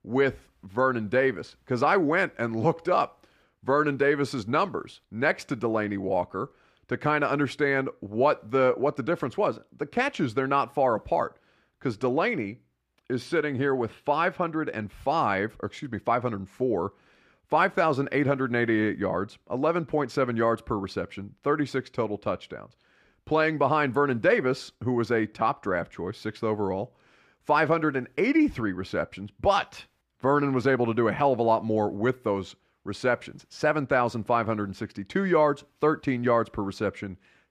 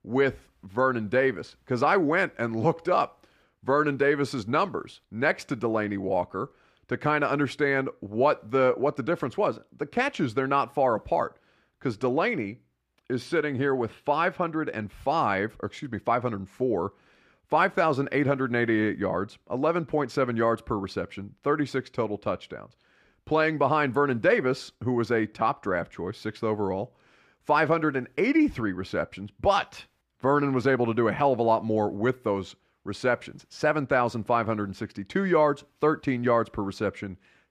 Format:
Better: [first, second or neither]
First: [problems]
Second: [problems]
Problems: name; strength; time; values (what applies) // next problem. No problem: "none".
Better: neither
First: muffled; slightly; fading above 4 kHz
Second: muffled; slightly; fading above 4 kHz